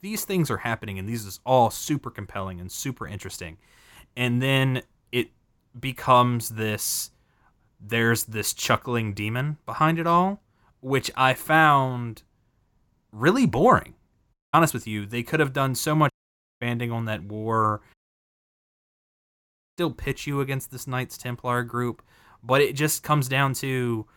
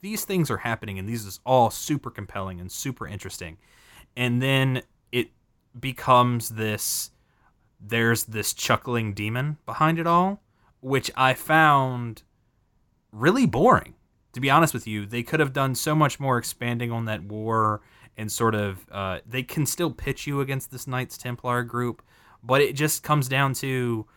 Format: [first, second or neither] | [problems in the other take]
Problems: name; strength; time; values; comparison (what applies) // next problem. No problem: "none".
second | audio cutting out; at 14 s, at 16 s for 0.5 s and at 18 s for 2 s